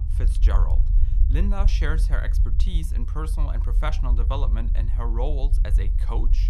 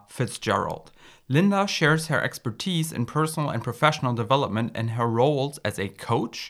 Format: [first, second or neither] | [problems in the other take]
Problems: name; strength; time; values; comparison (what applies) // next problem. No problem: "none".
second | low rumble; loud; throughout; 10 dB below the speech